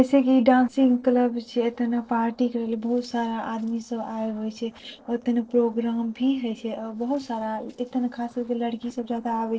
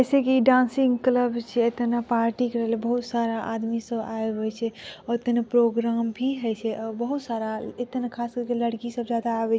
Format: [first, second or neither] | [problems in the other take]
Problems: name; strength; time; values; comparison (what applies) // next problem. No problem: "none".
second | noise reduction (neural separator model SepFormer DNS4)